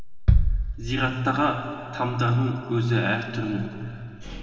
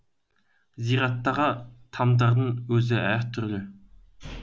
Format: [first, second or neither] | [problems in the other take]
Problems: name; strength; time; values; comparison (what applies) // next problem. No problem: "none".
second | background sound (Bass drum); 1 dB below the speech // room echo; dies away in 2.7 s